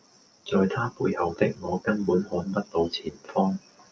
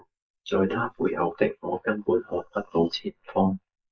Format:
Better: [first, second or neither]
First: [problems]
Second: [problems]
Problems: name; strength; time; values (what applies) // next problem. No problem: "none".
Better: first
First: none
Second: noise reduction (neural mask model Resemble Enhance denoiser)